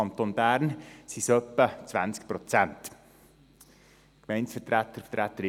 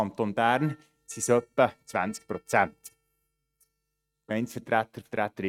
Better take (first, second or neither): first